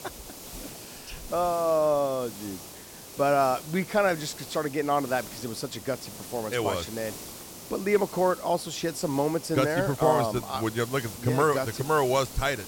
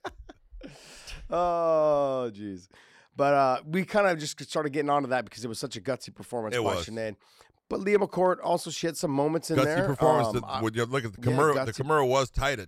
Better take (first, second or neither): second